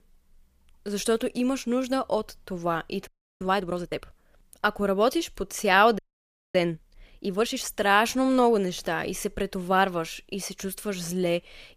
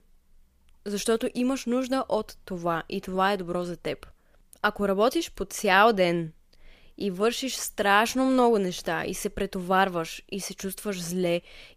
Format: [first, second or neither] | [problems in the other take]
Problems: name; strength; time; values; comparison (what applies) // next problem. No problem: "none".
second | audio freezing; at 3 s and at 6 s for 0.5 s